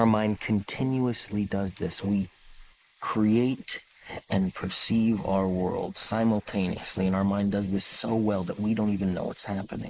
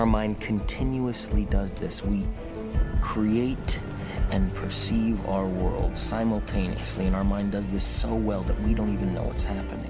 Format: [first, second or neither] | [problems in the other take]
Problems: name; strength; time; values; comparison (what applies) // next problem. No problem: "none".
second | noise reduction (neural mask model Resemble Enhance denoiser)